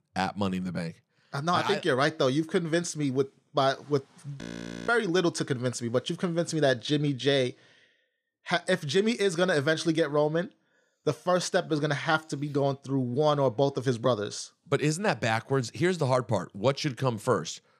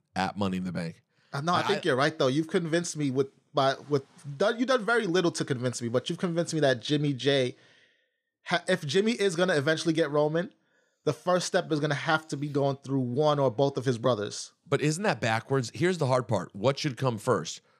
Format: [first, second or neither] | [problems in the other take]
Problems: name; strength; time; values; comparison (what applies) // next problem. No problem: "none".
second | audio freezing; at 4.5 s